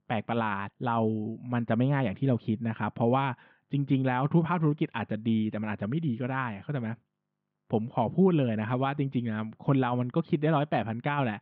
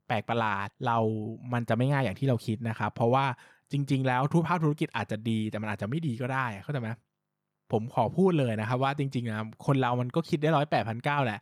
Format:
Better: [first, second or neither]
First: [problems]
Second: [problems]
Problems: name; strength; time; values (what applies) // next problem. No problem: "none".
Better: second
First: muffled; very; fading above 3.5 kHz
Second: none